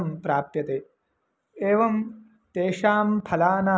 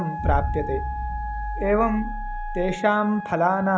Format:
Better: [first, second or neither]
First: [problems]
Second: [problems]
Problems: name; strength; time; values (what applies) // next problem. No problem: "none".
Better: first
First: none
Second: background sound (Explosion + Wind instrument, woodwind instrument); 4 dB below the speech